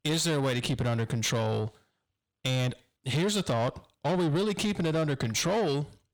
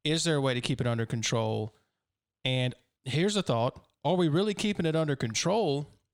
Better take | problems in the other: second | distortion; slight; 10 dB below the speech

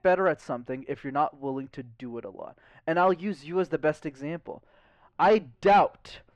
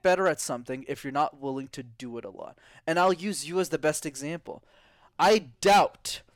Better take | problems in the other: second | muffled; very; fading above 2 kHz

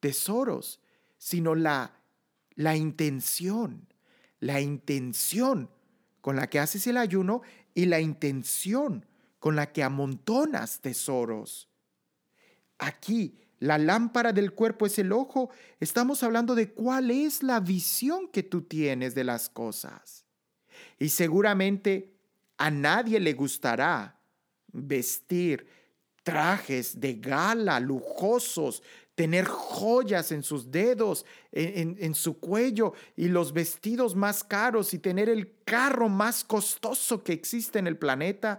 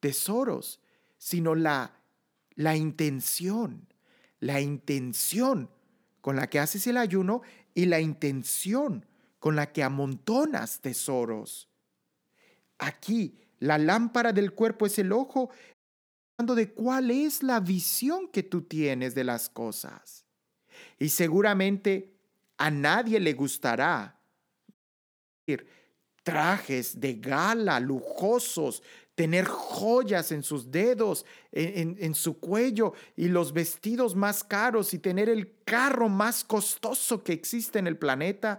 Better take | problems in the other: first | audio cutting out; at 16 s for 0.5 s and at 25 s for 0.5 s

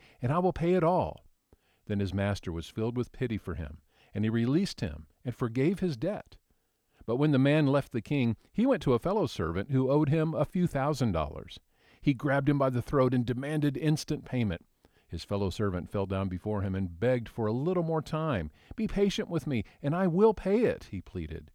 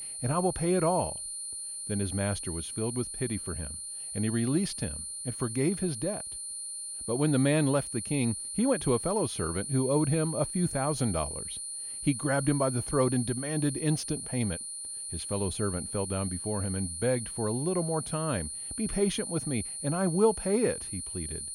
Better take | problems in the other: first | high-pitched whine; loud; throughout; 9.5 kHz, 5 dB below the speech

